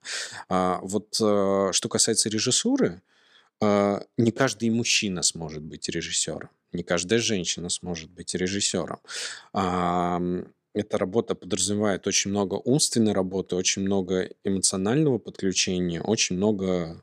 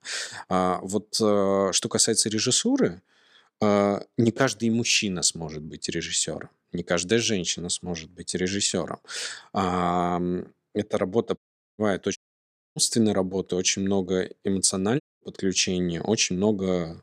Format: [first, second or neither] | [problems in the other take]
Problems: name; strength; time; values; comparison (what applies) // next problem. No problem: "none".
first | audio cutting out; at 11 s, at 12 s for 0.5 s and at 15 s